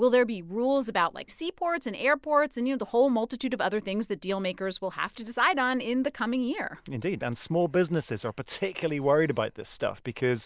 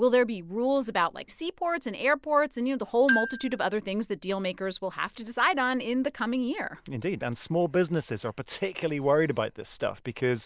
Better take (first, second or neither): first